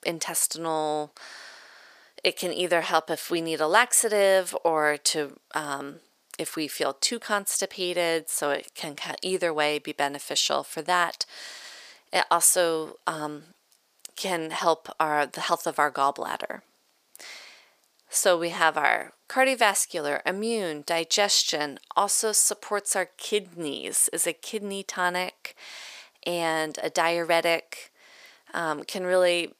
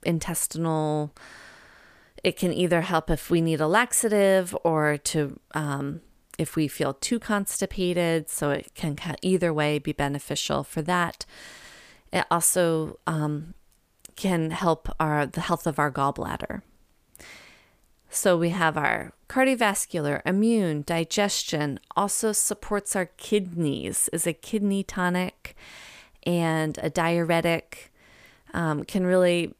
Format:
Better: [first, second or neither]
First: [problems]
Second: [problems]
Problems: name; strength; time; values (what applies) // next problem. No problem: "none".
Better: second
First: thin; somewhat; fading below 450 Hz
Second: none